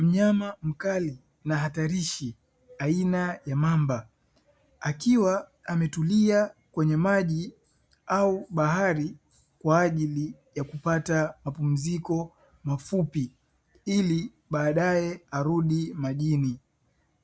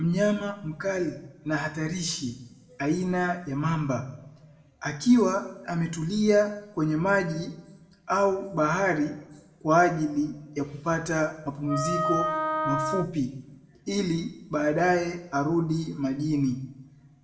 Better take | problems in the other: first | background sound (Wind instrument, woodwind instrument); 1 dB below the speech // room echo; dies away in 0.6 s

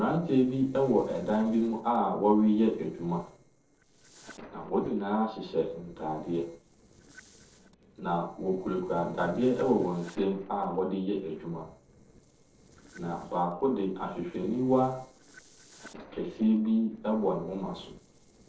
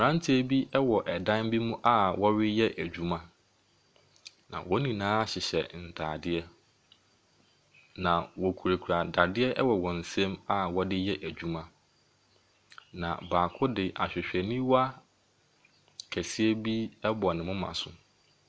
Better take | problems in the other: second | noise reduction (neural separator model SepFormer DNS4)

